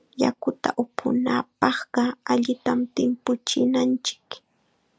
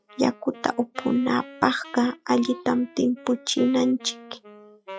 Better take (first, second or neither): first